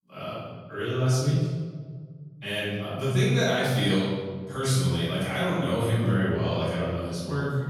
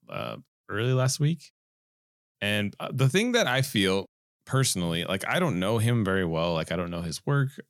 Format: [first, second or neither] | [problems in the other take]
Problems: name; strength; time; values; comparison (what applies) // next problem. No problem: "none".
second | off-mic speech; far // room echo; strong; dies away in 1.5 s